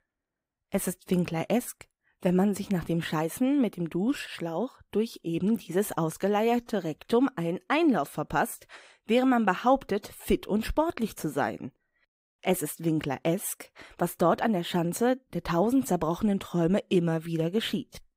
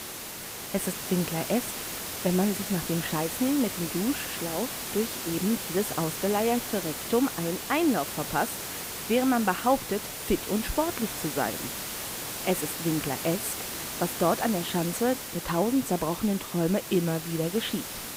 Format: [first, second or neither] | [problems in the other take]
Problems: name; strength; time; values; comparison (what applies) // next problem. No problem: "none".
first | hiss; loud; throughout; 5 dB below the speech